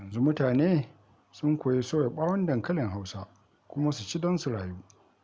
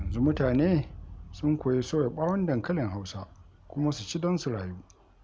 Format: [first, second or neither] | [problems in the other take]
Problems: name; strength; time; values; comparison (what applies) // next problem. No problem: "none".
first | background sound (Boom); 14 dB below the speech